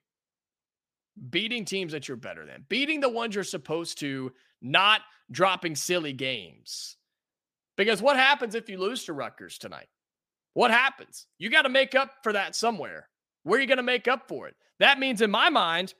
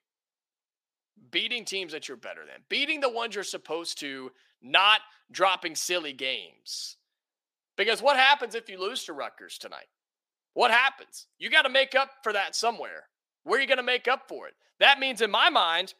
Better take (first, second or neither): first